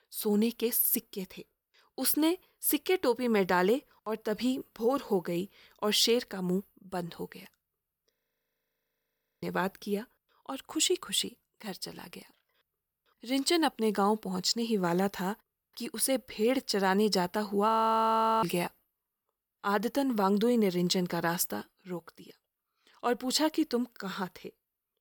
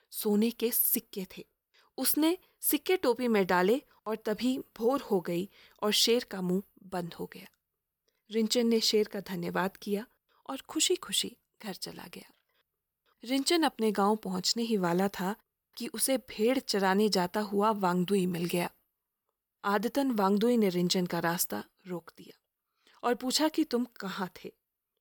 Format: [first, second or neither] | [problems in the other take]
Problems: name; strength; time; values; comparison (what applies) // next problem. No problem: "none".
second | audio freezing; at 8 s for 1.5 s and at 18 s for 0.5 s